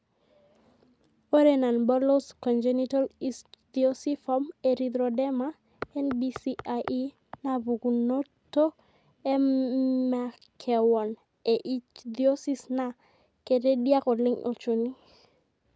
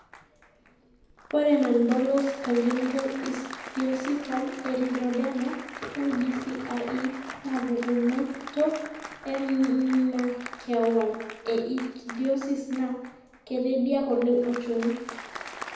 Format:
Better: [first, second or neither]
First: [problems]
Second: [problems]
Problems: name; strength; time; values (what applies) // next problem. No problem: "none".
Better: first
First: none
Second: background sound (Applause); 14 dB below the speech // room echo; dies away in 0.9 s